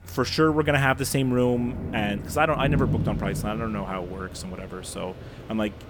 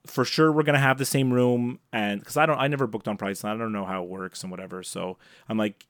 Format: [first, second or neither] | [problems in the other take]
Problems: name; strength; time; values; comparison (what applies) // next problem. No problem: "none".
second | rain or running water; loud; throughout; 8 dB below the speech